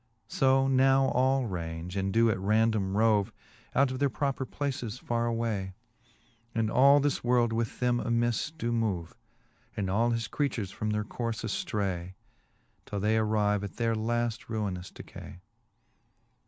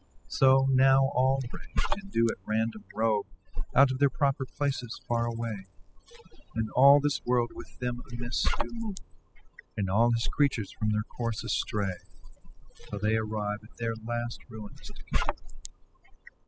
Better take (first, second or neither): first